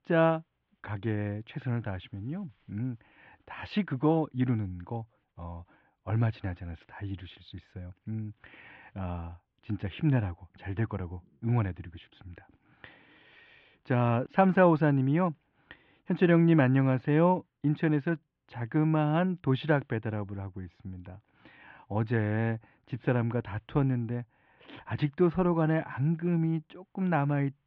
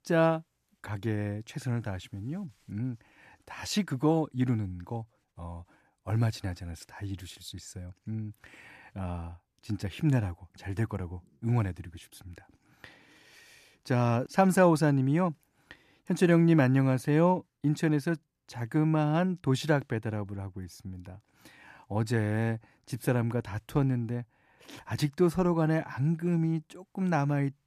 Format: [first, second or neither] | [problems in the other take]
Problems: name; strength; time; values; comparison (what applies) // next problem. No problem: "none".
second | muffled; very; fading above 3.5 kHz